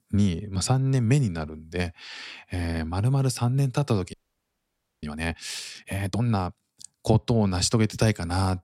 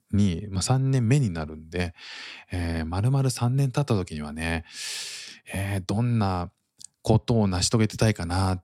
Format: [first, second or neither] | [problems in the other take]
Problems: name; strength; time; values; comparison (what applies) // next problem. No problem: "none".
second | audio freezing; at 4 s for 1 s